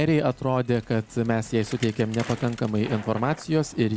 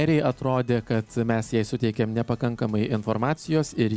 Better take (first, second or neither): second